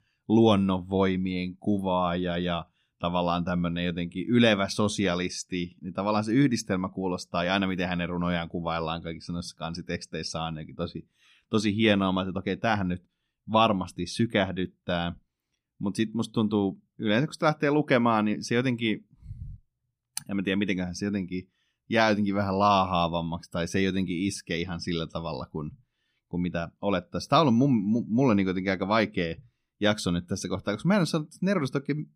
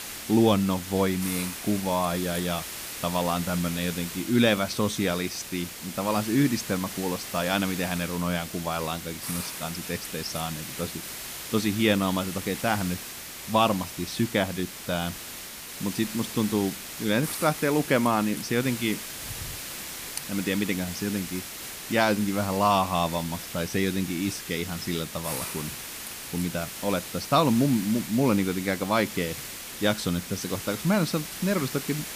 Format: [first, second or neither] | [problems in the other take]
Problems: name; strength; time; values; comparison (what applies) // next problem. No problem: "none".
first | hiss; loud; throughout; 8 dB below the speech